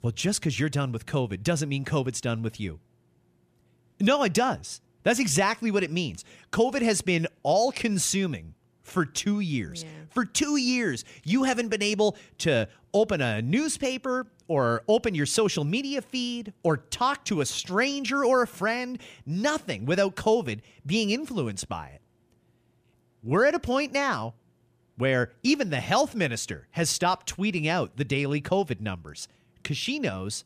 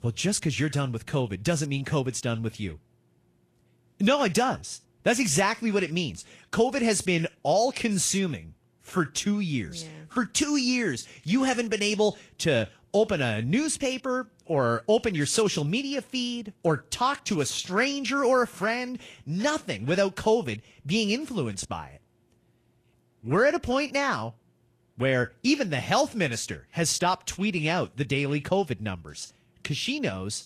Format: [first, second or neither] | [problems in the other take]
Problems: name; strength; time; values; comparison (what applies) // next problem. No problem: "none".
first | garbled, watery; slightly; nothing above 12 kHz